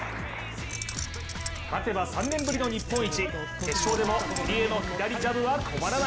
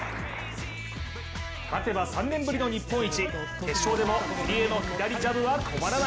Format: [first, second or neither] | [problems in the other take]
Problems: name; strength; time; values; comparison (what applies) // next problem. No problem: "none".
second | background sound (Keys jangling); 9 dB below the speech